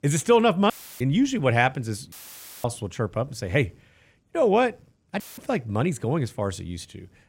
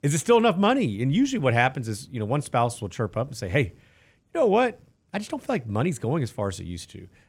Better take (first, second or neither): second